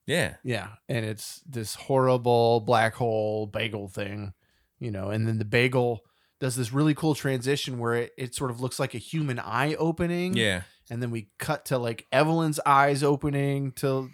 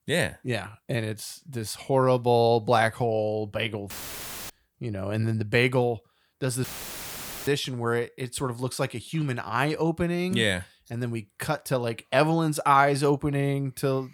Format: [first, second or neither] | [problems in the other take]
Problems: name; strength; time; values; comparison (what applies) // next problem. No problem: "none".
first | audio cutting out; filled with static; at 4 s for 0.5 s and at 6.5 s for 1 s